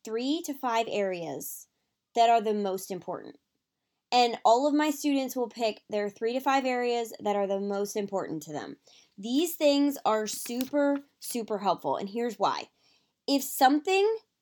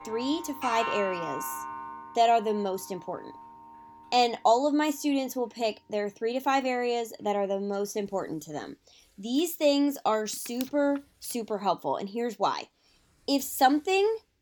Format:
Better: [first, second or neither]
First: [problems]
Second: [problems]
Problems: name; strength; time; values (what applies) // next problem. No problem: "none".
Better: first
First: none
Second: household noises; loud; throughout; 10 dB below the speech